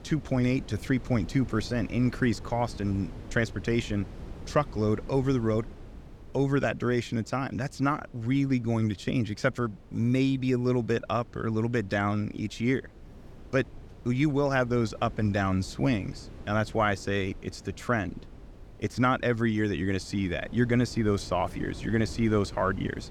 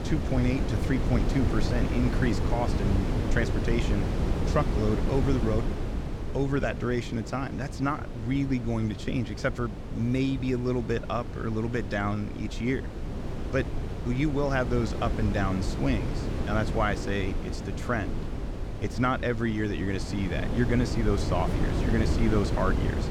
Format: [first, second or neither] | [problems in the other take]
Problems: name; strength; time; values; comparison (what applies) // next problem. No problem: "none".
first | wind noise on the microphone; heavy; 6 dB below the speech; occasional gusts in the first